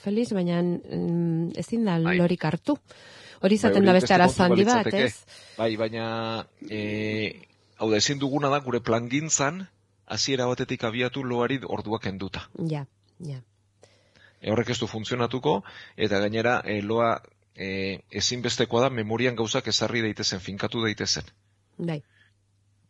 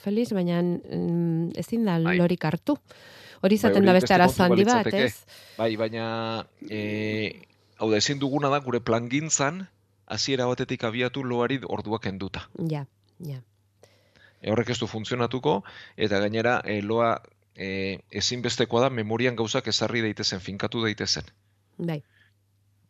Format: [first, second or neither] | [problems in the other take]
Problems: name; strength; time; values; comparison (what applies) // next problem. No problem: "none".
second | garbled, watery; badly; nothing above 10.5 kHz